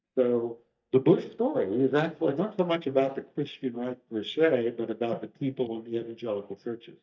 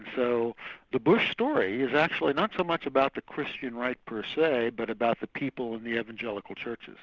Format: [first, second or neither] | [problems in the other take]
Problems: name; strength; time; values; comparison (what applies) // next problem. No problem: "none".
second | noise reduction (neural mask model DeepFilterNet 3)